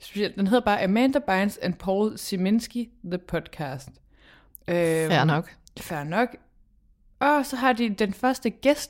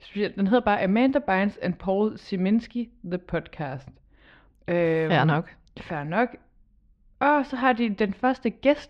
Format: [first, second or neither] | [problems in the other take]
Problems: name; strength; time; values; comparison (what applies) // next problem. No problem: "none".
first | muffled; slightly; fading above 3.5 kHz